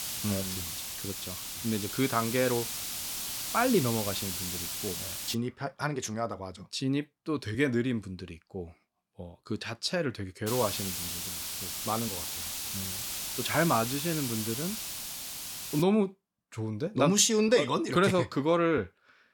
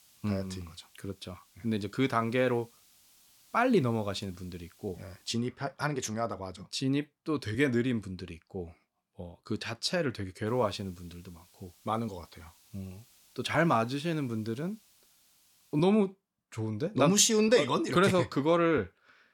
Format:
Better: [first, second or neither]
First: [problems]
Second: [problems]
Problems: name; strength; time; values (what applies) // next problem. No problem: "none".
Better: second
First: hiss; loud; until 5.5 s and from 10 to 16 s; 4 dB below the speech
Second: hiss; faint; until 5.5 s and from 10 to 16 s; 30 dB below the speech